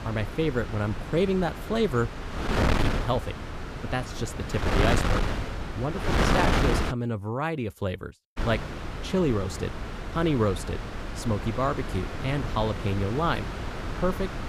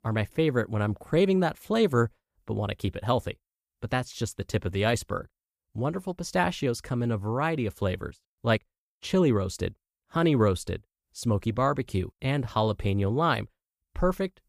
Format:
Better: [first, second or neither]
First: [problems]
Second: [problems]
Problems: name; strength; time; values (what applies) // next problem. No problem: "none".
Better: second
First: wind noise on the microphone; heavy; until 7 s and from 8.5 s on; 2 dB below the speech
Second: none